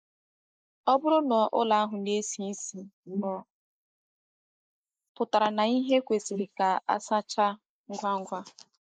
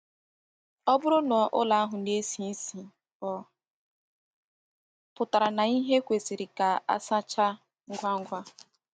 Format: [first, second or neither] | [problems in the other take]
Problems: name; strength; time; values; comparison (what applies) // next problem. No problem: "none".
second | noise reduction (neural mask model Resemble Enhance denoiser)